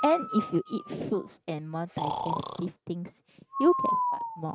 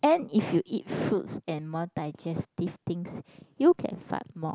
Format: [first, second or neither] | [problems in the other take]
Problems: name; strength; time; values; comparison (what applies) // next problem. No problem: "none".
second | noise reduction (neural mask model RNNoise)